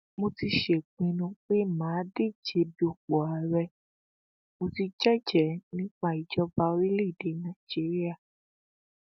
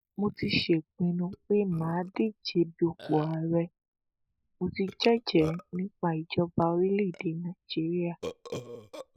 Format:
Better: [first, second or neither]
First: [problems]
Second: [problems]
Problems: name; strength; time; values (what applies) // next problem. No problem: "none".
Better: first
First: none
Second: noise reduction (neural mask model Resemble Enhance denoiser)